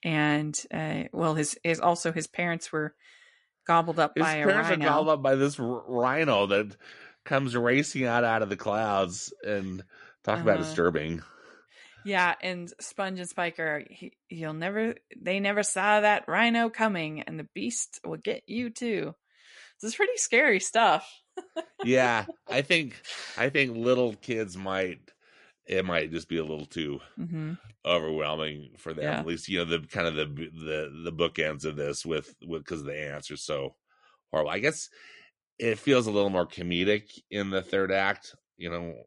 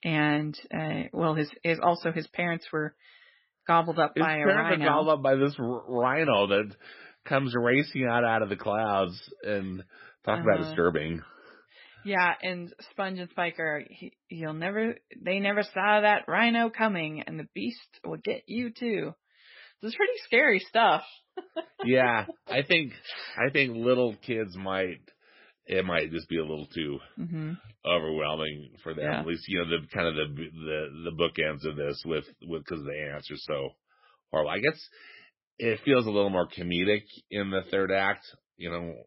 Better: first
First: garbled, watery; slightly; nothing above 10.5 kHz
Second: garbled, watery; badly; nothing above 5.5 kHz

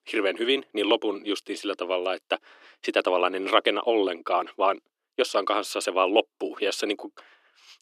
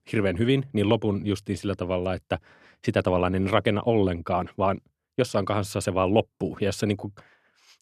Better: second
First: thin; somewhat; fading below 300 Hz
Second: none

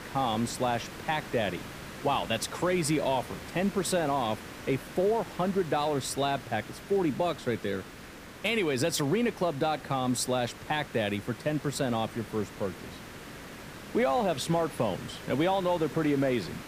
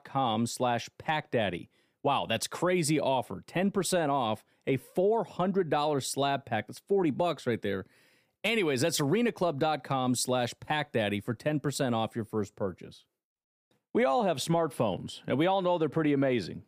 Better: second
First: hiss; noticeable; throughout; 15 dB below the speech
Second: none

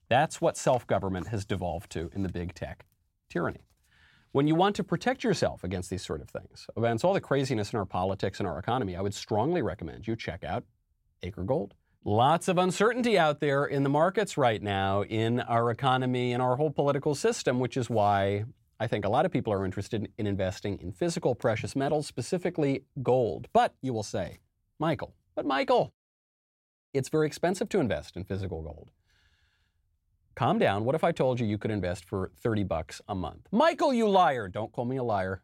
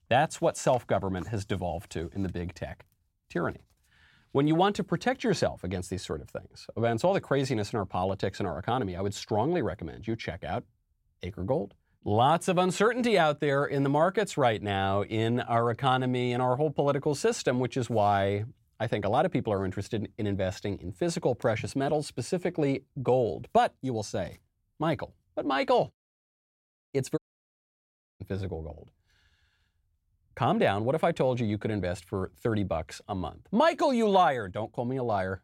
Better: first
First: none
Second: audio cutting out; at 27 s for 1 s

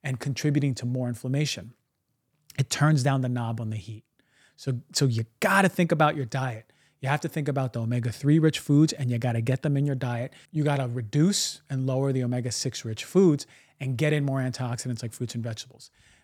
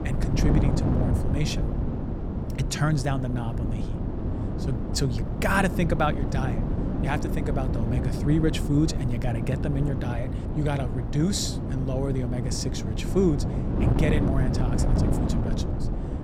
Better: first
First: none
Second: wind noise on the microphone; heavy; 4 dB below the speech

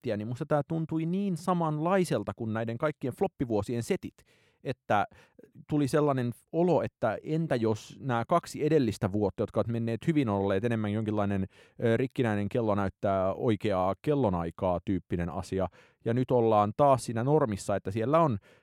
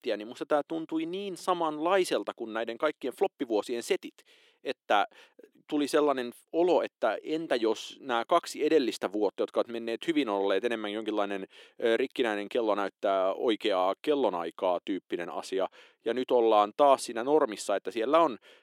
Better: first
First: none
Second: thin; somewhat; fading below 300 Hz

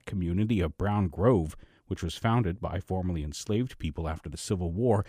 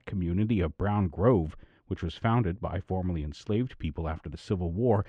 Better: first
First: none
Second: muffled; slightly; fading above 3 kHz

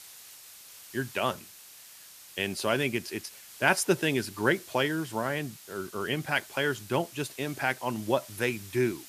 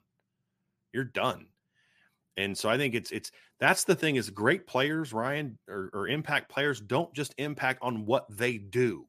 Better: second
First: hiss; noticeable; throughout; 15 dB below the speech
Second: none

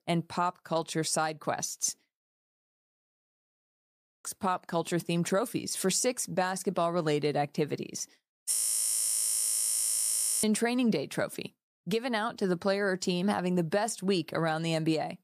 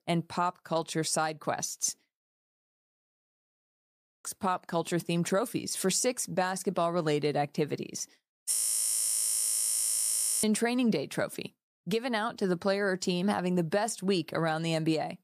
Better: neither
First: audio freezing; at 2.5 s for 2 s and at 8.5 s for 2 s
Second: audio freezing; at 2.5 s for 2 s and at 8.5 s for 2 s

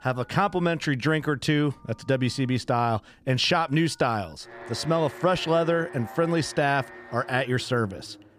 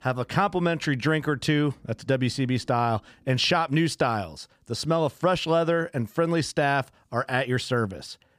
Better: second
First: alarms or sirens; noticeable; throughout; 15 dB below the speech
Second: none

